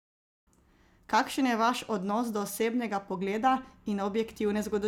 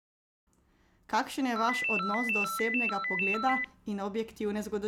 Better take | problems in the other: first | background sound (Ringtone); 1 dB above the speech

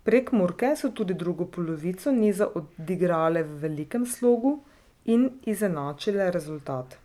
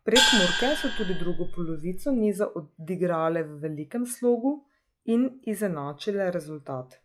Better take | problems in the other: first | noise reduction (classical method log-MMSE)

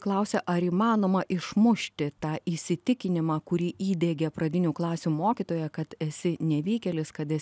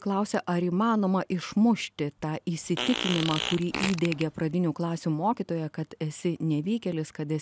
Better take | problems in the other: first | background sound (Fart); 6 dB below the speech

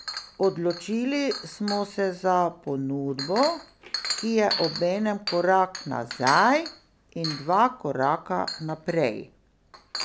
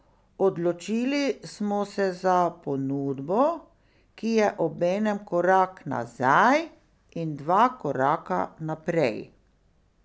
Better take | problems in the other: second | background sound (Chink, clink); 11 dB below the speech

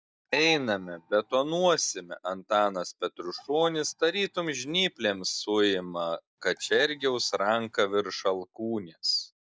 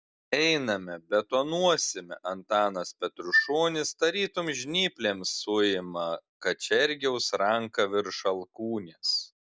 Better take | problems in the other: second | noise reduction (neural mask model DeepFilterNet 3)

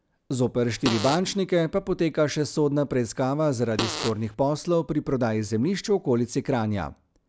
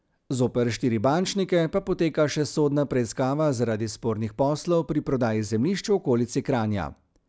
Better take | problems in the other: second | background sound (Fart); 7 dB below the speech

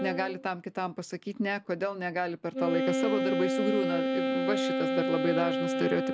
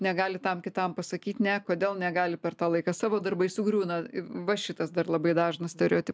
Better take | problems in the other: second | background sound (Wind instrument, woodwind instrument); 1 dB above the speech

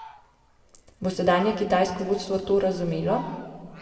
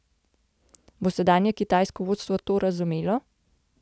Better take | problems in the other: second | background sound (Fowl); 18 dB below the speech // room echo; dies away in 1.9 s

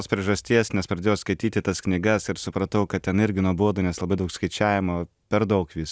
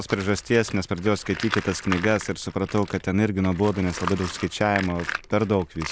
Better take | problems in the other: first | background sound (Tools); 11 dB below the speech

